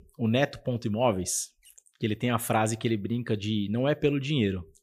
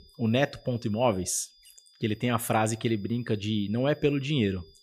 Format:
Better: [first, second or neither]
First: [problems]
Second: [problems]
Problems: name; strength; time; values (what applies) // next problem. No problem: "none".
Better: first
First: none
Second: high-pitched whine; faint; throughout; 5 kHz, 30 dB below the speech